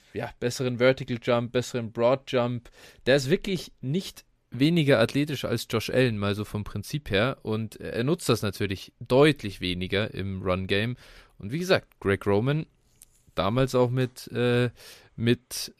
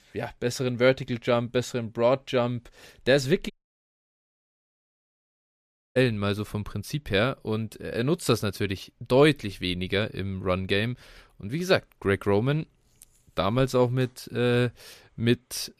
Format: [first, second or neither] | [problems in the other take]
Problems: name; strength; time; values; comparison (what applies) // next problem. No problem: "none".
first | audio cutting out; at 3.5 s for 2.5 s